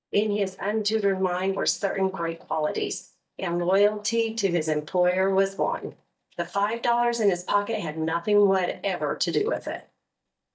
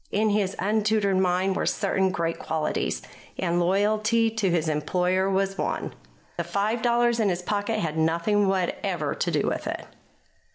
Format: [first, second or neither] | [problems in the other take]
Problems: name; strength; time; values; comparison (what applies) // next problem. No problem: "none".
second | noise reduction (neural mask model DeepFilterNet 3)